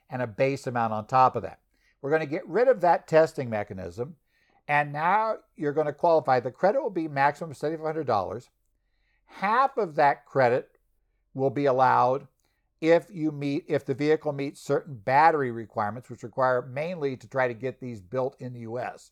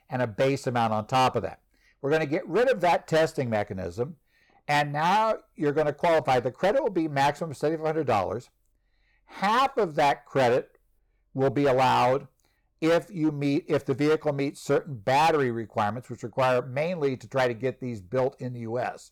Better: first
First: none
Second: distortion; heavy; 10% of the sound clipped

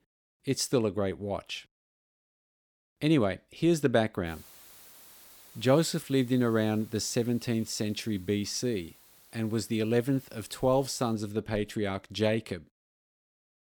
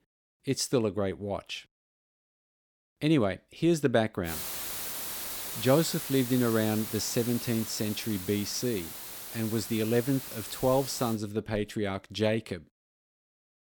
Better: first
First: hiss; faint; from 4.5 to 11 s; 25 dB below the speech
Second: hiss; loud; from 4.5 to 11 s; 7 dB below the speech

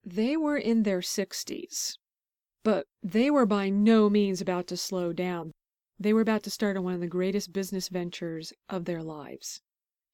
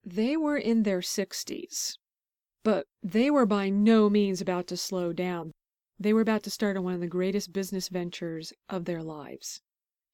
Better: neither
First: none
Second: none

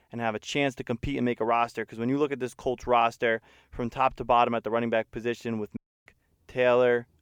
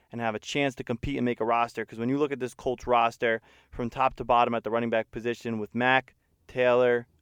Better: second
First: audio cutting out; at 6 s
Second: none

